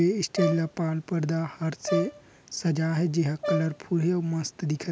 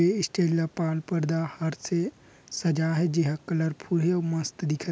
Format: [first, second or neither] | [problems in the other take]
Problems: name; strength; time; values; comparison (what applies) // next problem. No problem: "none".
second | background sound (Brass instrument); 8 dB below the speech